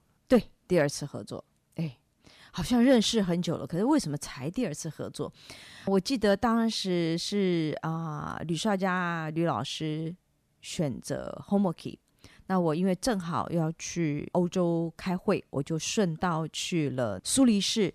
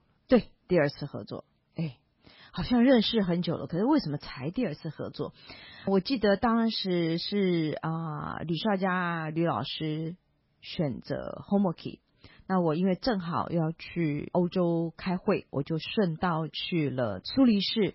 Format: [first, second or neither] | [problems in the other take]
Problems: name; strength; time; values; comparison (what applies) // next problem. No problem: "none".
first | garbled, watery; badly; nothing above 5.5 kHz